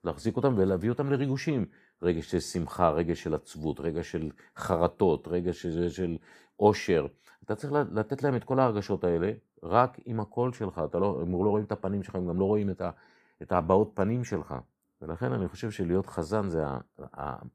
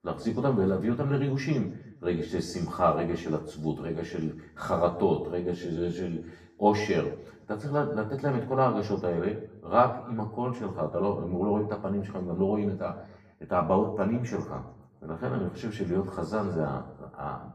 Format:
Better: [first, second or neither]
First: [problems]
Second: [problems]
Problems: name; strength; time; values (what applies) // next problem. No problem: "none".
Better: first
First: none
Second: room echo; slight; dies away in 0.6 s // off-mic speech; far